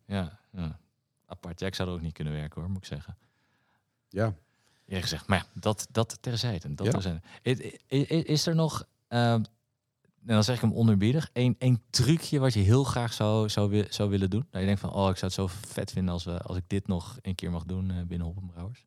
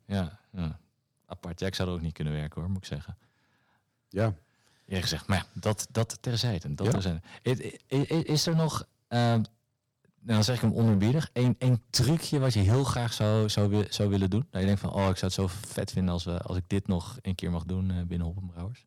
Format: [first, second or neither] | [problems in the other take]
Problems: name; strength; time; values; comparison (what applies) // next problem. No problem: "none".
first | distortion; slight; 5% of the sound clipped